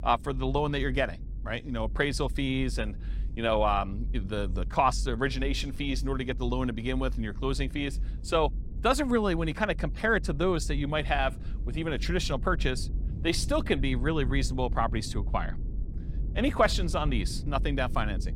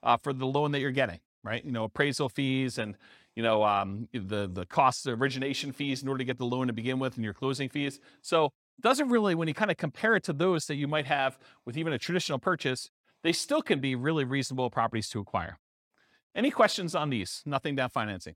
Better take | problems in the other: second | low rumble; faint; throughout; 20 dB below the speech

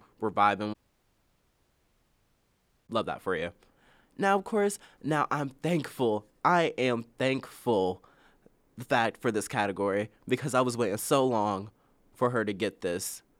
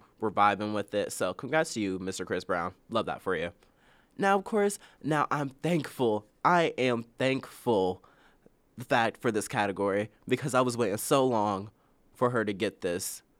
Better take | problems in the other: second | audio cutting out; at 0.5 s for 2 s

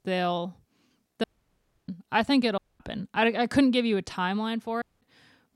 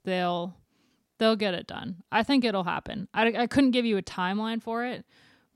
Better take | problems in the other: second | audio cutting out; at 1 s for 0.5 s, at 2.5 s and at 5 s

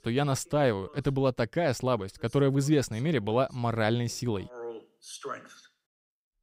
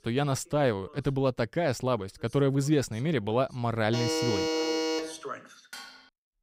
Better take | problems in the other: first | alarm; loud; from 4 to 5 s; peak level with the speech // clattering dishes; faint; at 5.5 s; peak 15 dB below the speech

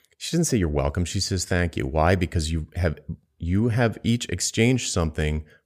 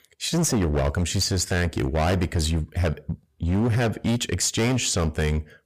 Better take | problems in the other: first | distortion; heavy; 18% of the sound clipped

